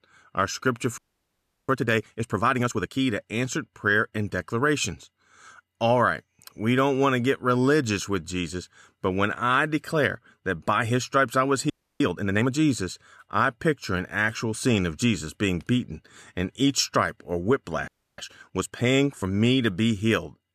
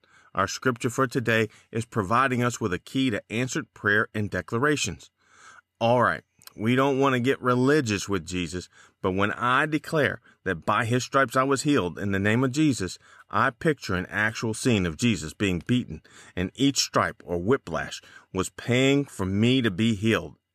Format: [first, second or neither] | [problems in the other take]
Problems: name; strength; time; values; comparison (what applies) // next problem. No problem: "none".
second | audio freezing; at 1 s for 0.5 s, at 12 s and at 18 s